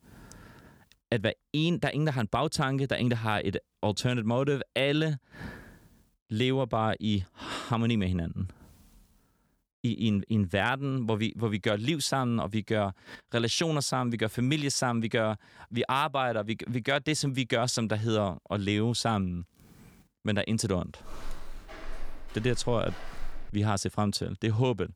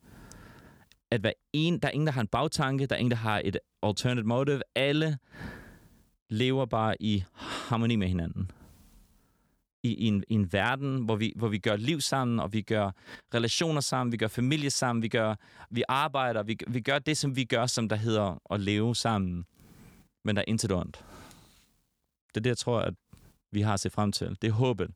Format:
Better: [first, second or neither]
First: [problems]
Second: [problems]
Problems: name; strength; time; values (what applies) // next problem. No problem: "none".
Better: second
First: footsteps; faint; from 21 to 24 s; peak 15 dB below the speech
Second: none